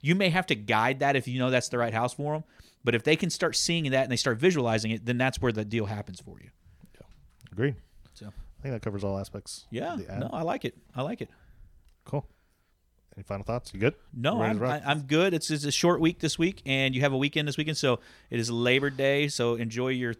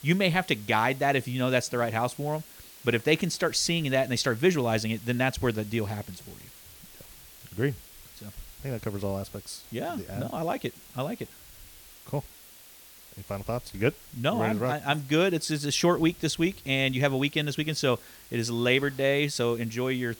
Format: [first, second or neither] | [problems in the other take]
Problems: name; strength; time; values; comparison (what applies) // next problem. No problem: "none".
first | hiss; noticeable; throughout; 20 dB below the speech